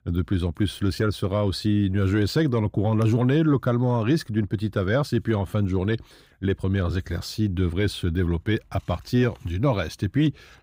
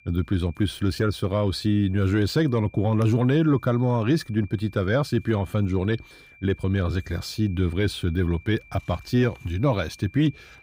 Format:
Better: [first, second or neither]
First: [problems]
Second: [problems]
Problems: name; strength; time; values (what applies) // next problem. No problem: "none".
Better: first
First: none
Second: high-pitched whine; faint; throughout; 2.5 kHz, 25 dB below the speech